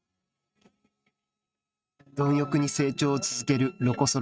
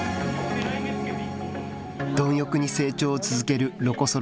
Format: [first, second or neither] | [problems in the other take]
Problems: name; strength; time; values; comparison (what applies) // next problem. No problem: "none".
second | noise reduction (neural mask model RNNoise)